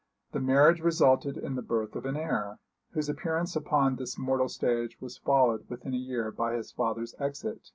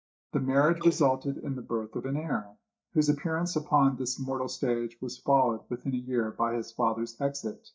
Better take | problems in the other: first | noise reduction (neural mask model DeepFilterNet 3)

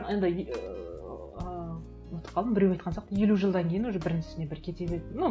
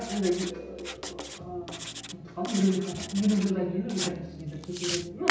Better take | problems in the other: first | background sound (Writing); 8 dB below the speech // room echo; dies away in 0.9 s

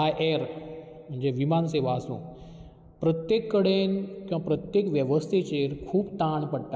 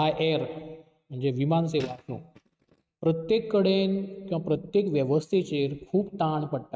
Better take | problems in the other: first | noise reduction (neural mask model RNNoise)

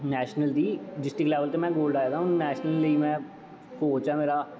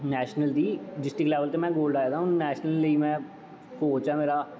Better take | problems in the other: second | background sound (Bowed string instrument); 16 dB below the speech

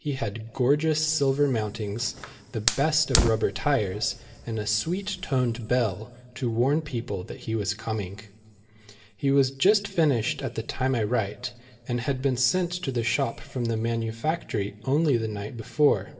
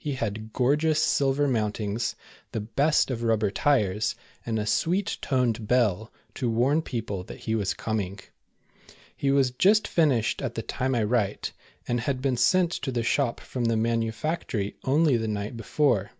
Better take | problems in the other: second | background sound (Fire); 5 dB below the speech // room echo; dies away in 2.6 s

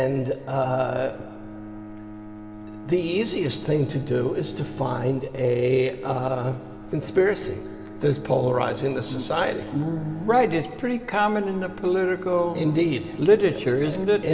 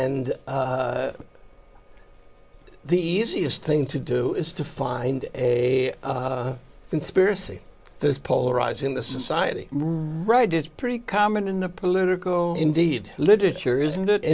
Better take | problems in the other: second | background sound (Bowed string instrument); 15 dB below the speech // room echo; dies away in 2.5 s

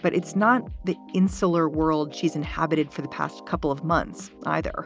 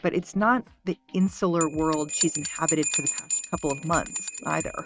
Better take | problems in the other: first | noise reduction (neural mask model RNNoise)

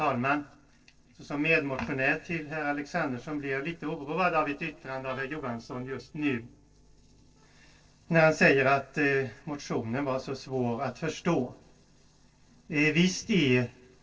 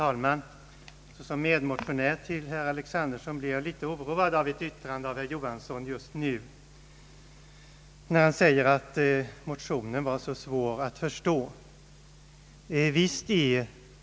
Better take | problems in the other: second | noise reduction (neural separator model SepFormer DNS4)

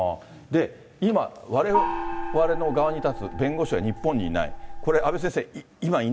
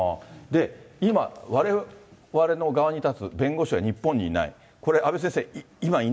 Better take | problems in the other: second | background sound (Gong); 4 dB below the speech

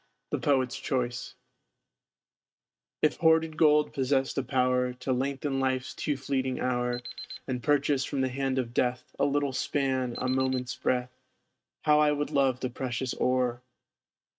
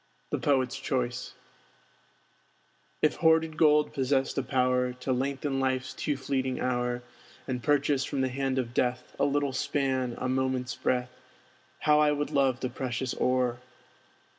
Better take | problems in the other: second | noise reduction (neural mask model RNNoise)

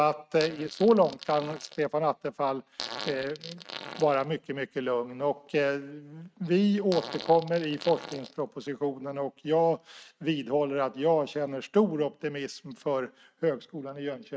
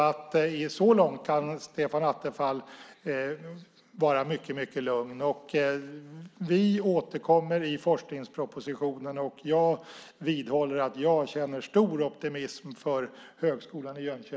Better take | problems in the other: second | noise reduction (neural mask model RNNoise)

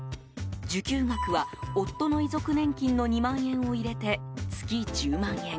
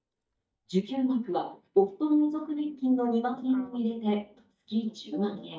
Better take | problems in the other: first | noise reduction (neural mask model DeepFilterNet 3)

